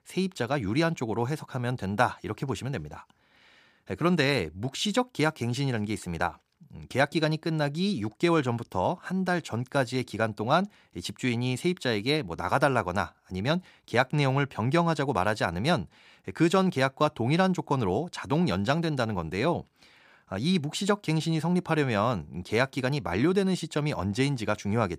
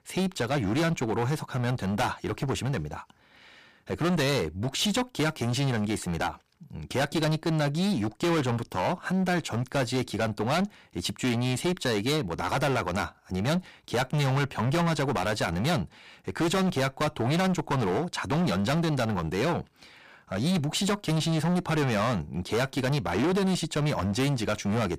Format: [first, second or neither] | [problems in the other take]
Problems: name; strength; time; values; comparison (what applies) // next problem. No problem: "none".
first | distortion; heavy; 20% of the sound clipped